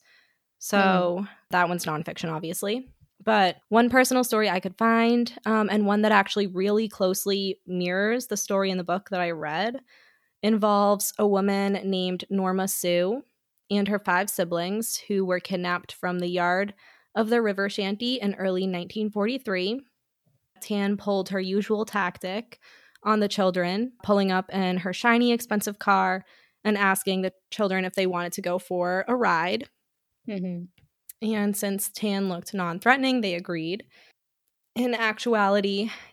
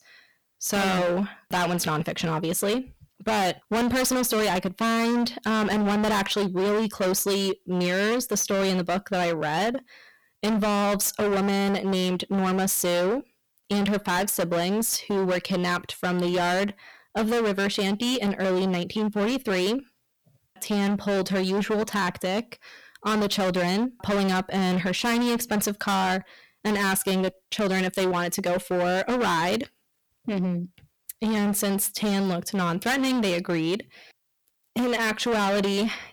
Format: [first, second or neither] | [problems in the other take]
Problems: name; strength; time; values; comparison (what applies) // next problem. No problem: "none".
first | distortion; heavy; 28% of the sound clipped